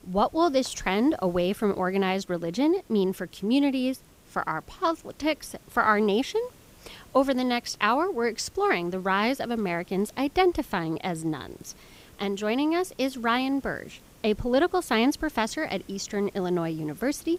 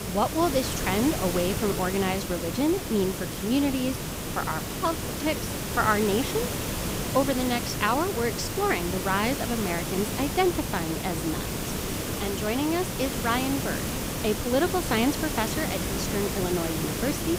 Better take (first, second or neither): first